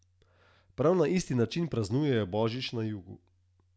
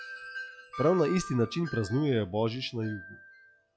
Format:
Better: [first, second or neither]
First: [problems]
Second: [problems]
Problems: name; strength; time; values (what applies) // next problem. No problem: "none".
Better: first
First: none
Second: noise reduction (classical method log-MMSE)